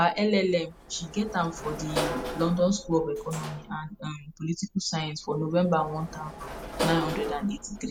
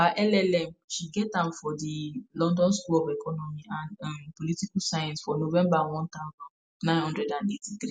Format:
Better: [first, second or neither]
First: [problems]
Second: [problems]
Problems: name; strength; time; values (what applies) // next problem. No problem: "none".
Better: second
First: background sound (Sliding door / Slam); 9 dB below the speech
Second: none